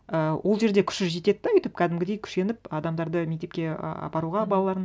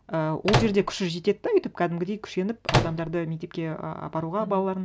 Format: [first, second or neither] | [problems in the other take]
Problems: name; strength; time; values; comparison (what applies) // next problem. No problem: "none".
first | background sound (Microwave oven); 1 dB above the speech